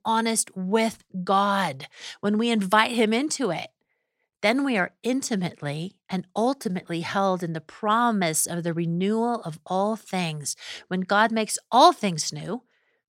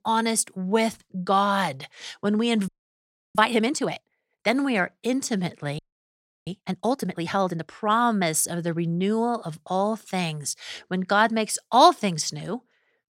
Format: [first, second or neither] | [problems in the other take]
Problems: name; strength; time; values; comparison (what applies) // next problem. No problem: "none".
first | audio freezing; at 2.5 s for 0.5 s and at 6 s for 0.5 s